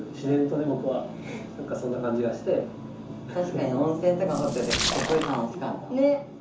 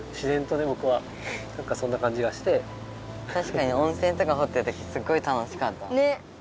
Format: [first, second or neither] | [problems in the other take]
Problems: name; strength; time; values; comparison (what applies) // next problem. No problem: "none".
second | background sound (Splash, splatter); 4 dB below the speech // room echo; dies away in 0.9 s